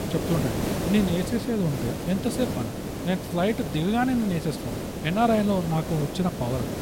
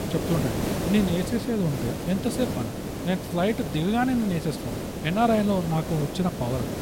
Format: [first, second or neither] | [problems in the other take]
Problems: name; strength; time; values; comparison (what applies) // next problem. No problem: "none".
neither | hiss; loud; throughout; 5 dB below the speech; the same in both